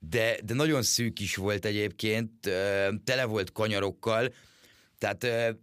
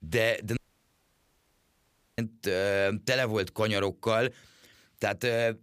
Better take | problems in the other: first | audio cutting out; at 0.5 s for 1.5 s

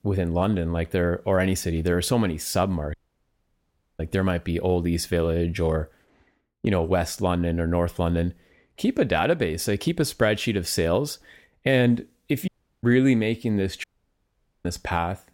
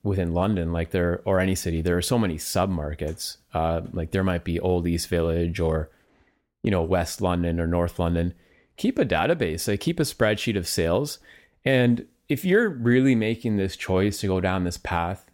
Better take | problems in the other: second | audio cutting out; at 3 s for 1 s, at 12 s and at 14 s for 1 s

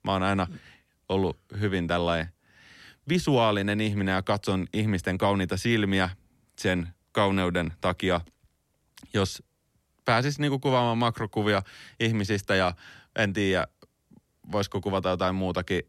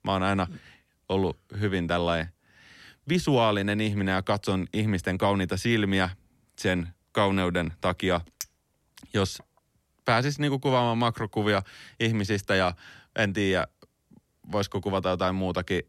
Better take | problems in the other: first | clattering dishes; faint; from 8.5 to 9.5 s; peak 10 dB below the speech

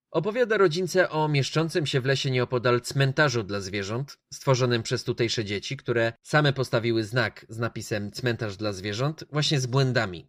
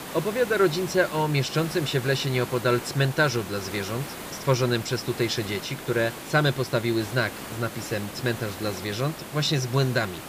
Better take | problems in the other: first | hiss; noticeable; throughout; 10 dB below the speech

